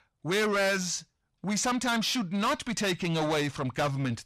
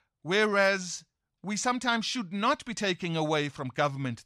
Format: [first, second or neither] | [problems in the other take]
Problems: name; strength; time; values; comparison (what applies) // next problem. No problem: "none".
second | distortion; heavy; 7 dB below the speech